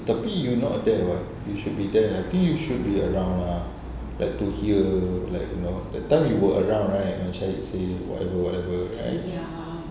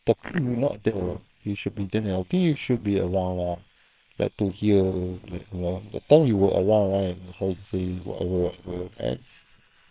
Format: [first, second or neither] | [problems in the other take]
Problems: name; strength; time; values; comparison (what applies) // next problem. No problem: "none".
first | noise reduction (neural separator model SepFormer WHAM!)